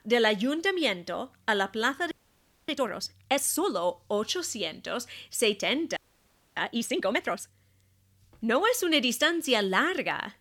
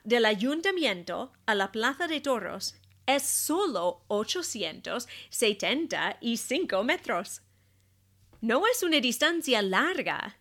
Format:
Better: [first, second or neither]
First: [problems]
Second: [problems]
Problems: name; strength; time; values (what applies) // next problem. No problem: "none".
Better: second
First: audio freezing; at 2 s for 0.5 s and at 6 s for 0.5 s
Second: none